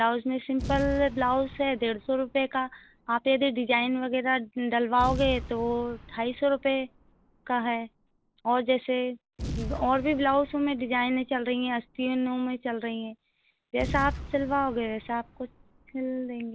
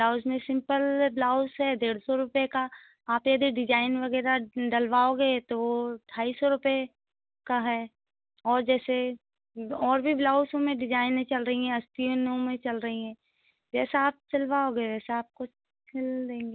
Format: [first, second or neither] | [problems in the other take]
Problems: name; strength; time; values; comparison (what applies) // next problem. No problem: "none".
second | background sound (Boom); 13 dB below the speech